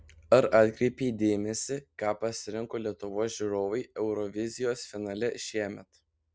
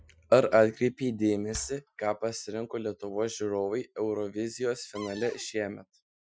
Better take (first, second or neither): first